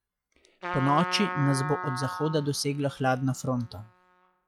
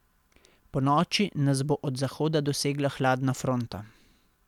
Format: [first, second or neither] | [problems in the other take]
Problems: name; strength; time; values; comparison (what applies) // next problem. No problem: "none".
second | noise reduction (classical method log-MMSE)